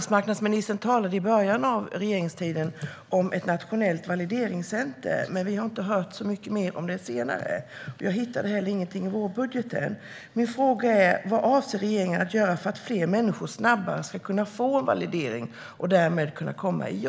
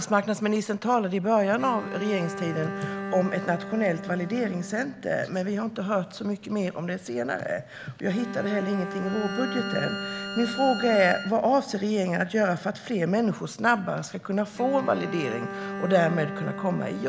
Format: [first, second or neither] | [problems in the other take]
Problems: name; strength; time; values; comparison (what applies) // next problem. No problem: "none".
first | background sound (Bowed string instrument + Bowed string instrument); 10 dB below the speech